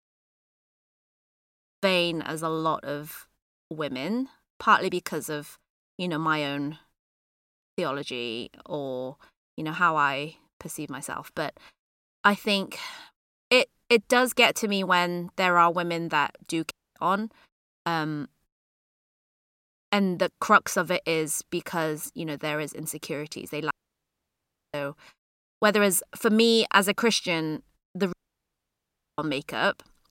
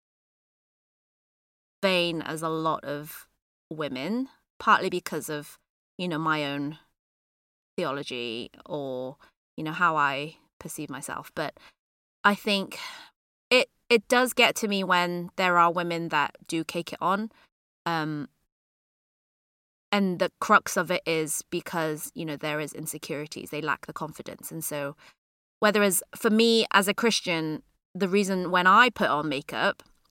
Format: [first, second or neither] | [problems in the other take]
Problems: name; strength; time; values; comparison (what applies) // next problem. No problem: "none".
second | audio cutting out; at 17 s, at 24 s for 1 s and at 28 s for 1 s